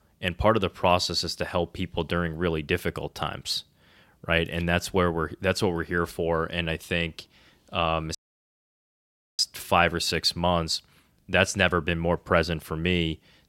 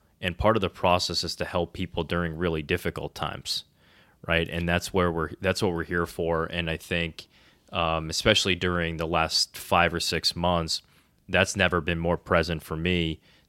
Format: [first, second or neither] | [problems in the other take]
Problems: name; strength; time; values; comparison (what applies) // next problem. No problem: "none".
second | audio cutting out; at 8 s for 1 s